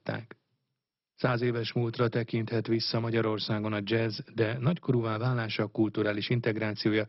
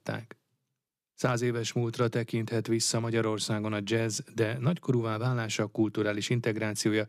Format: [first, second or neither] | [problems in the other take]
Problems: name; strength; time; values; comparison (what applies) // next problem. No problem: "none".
second | garbled, watery; badly; nothing above 5.5 kHz